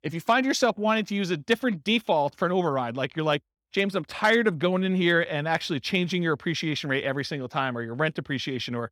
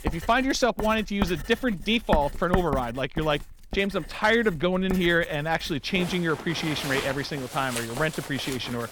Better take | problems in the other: first | household noises; loud; throughout; 10 dB below the speech

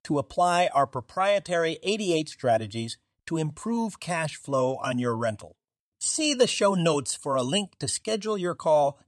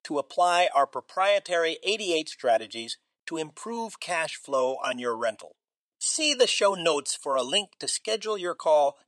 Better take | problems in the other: first | thin; somewhat; fading below 450 Hz

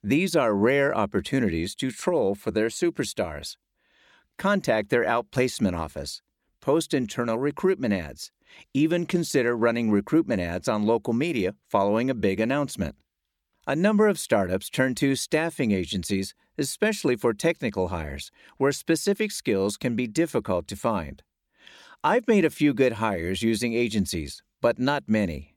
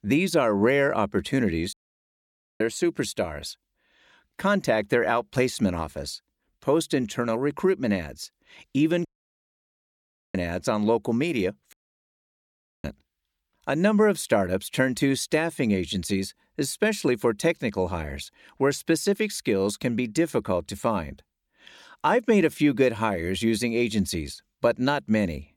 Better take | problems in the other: first | audio cutting out; at 1.5 s for 1 s, at 9 s for 1.5 s and at 12 s for 1 s

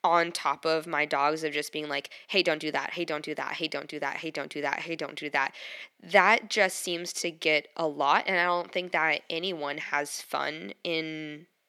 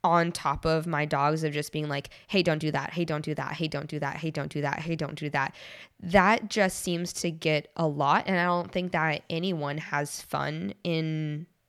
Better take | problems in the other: second | thin; somewhat; fading below 300 Hz

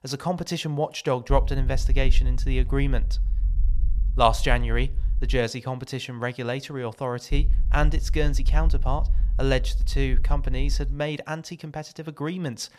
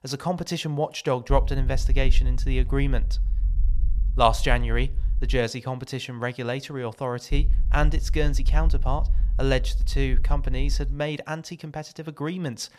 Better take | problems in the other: neither | low rumble; faint; from 1.5 to 5.5 s and from 7.5 to 11 s; 20 dB below the speech; the same in both

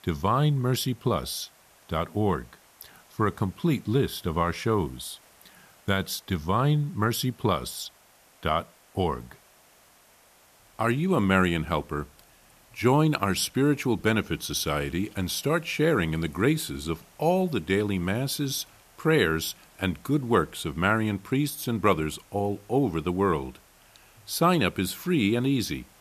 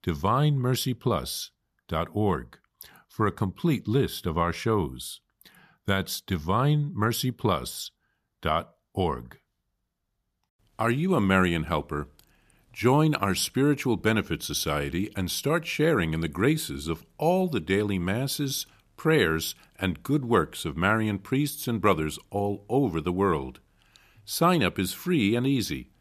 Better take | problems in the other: second | hiss; faint; throughout; 30 dB below the speech

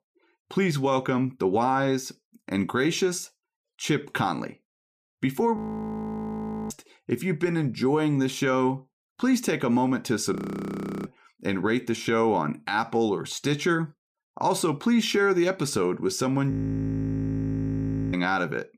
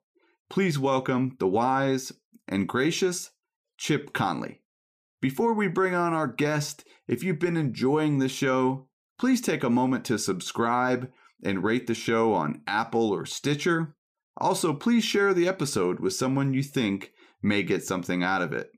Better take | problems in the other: second | audio freezing; at 5.5 s for 1 s, at 10 s for 0.5 s and at 17 s for 1.5 s

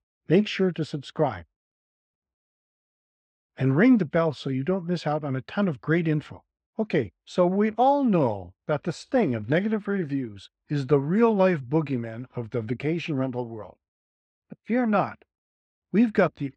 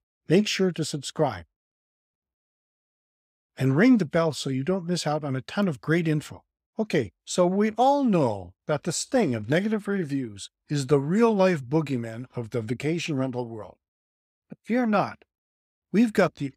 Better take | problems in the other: second | muffled; slightly; fading above 3 kHz

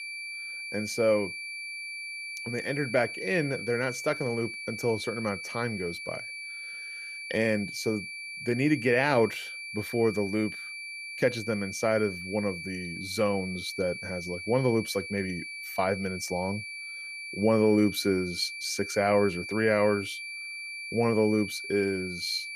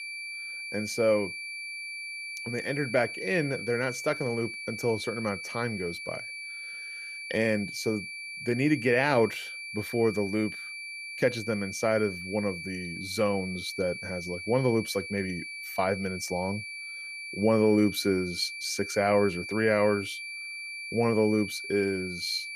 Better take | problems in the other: neither | high-pitched whine; loud; throughout; 2.5 kHz, 8 dB below the speech; the same in both

